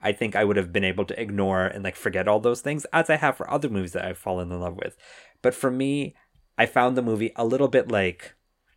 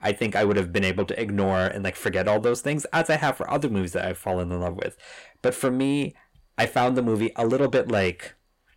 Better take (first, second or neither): first